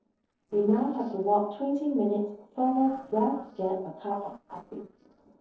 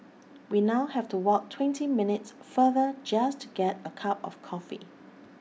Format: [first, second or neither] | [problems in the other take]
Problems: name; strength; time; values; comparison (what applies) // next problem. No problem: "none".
second | noise reduction (neural separator model SepFormer DNS4)